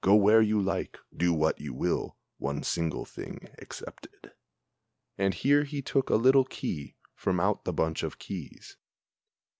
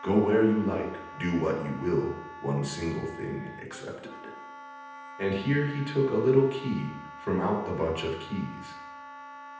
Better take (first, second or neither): first